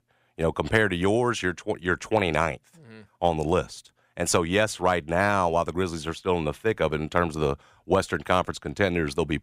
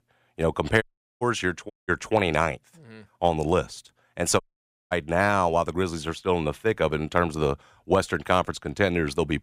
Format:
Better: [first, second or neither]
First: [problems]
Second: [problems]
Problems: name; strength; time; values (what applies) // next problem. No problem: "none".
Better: first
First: none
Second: audio cutting out; at 1 s, at 1.5 s and at 4.5 s for 0.5 s